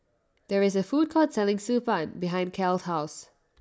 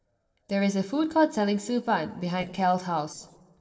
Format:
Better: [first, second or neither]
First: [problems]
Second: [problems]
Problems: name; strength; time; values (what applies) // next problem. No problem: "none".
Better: first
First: none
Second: noise reduction (neural separator model SepFormer DNS4)